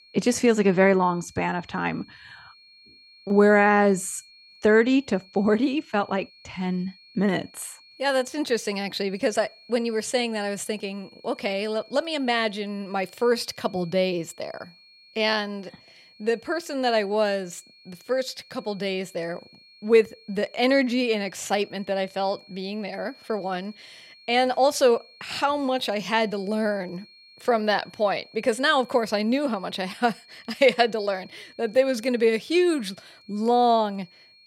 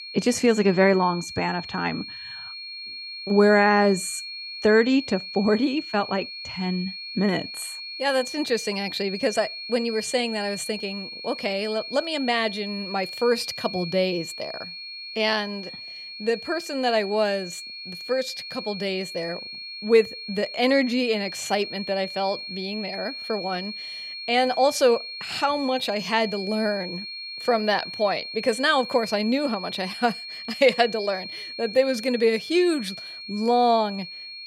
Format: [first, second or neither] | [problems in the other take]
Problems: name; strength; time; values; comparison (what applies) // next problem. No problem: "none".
first | high-pitched whine; loud; throughout; 4.5 kHz, 9 dB below the speech; faint in the first